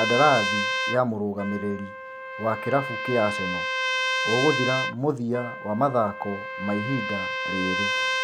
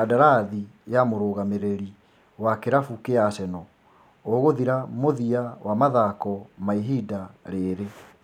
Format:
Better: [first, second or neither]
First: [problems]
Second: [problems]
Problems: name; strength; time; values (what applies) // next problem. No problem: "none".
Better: second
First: background sound (Trumpet); 2 dB below the speech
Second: none